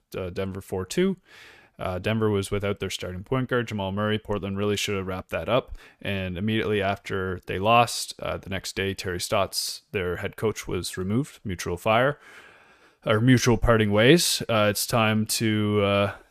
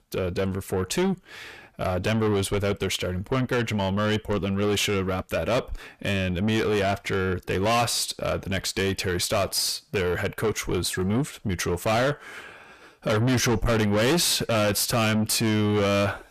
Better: first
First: none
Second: distortion; heavy; 6 dB below the speech

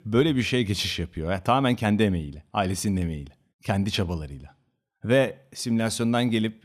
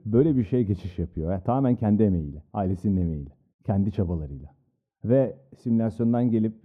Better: first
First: none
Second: muffled; very; fading above 1.5 kHz

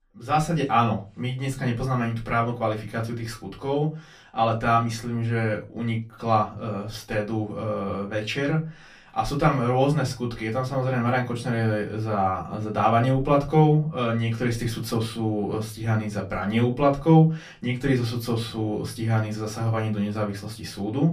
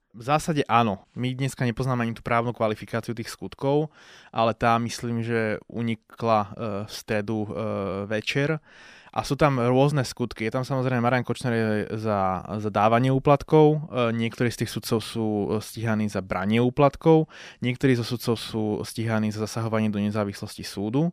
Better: second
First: off-mic speech; far // room echo; very slight; dies away in 0.2 s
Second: none

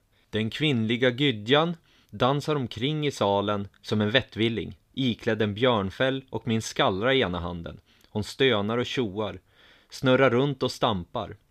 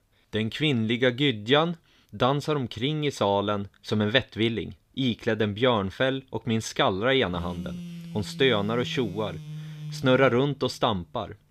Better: first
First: none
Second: phone ringing; faint; from 7.5 to 11 s; peak 10 dB below the speech

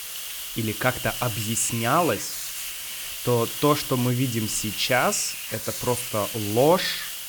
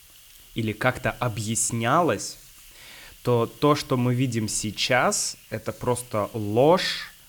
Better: second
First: hiss; loud; throughout; 5 dB below the speech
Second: hiss; faint; throughout; 25 dB below the speech

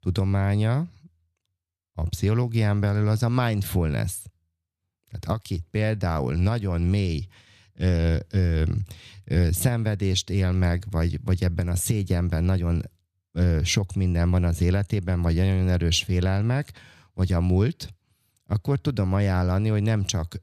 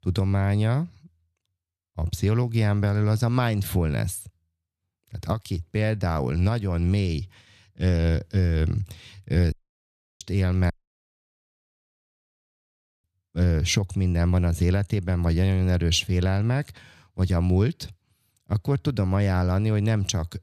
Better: first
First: none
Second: audio cutting out; at 9.5 s for 0.5 s and at 11 s for 2.5 s

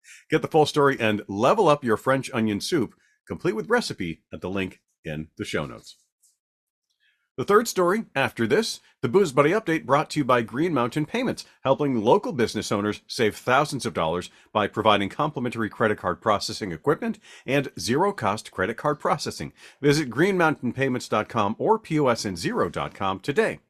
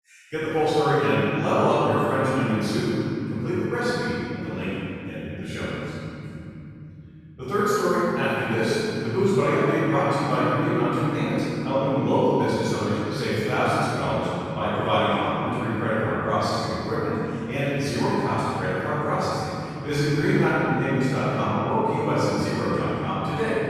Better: first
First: none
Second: off-mic speech; far // room echo; strong; dies away in 3 s

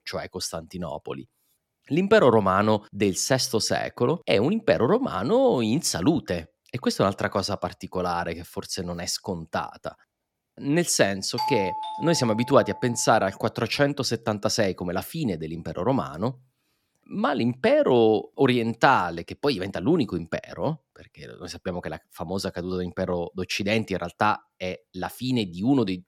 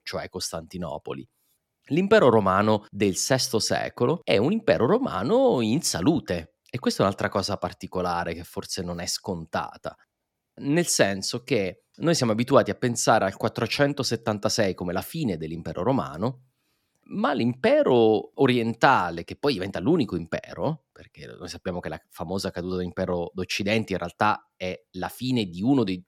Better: second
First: doorbell; noticeable; from 11 to 13 s; peak 3 dB below the speech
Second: none

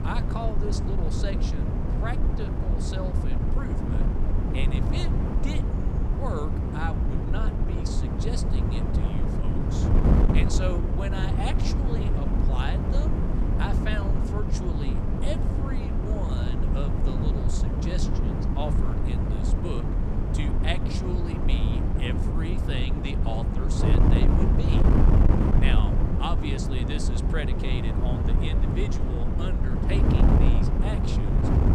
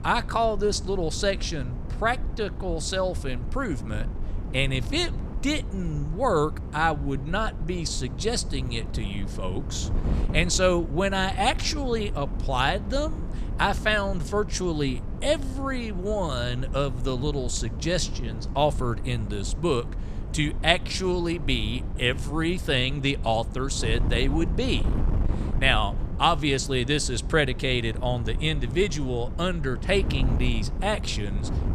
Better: second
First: wind noise on the microphone; heavy; 2 dB above the speech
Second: wind noise on the microphone; occasional gusts; 15 dB below the speech

